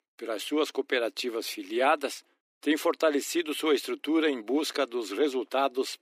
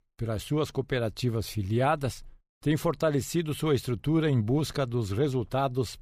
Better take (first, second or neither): second